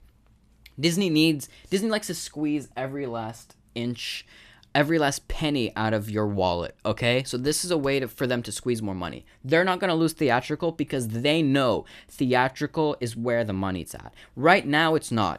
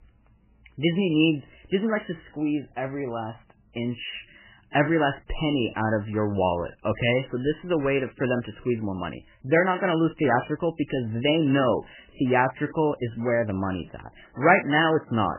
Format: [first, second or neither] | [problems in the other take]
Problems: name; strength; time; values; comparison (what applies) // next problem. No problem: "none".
first | garbled, watery; badly; nothing above 3 kHz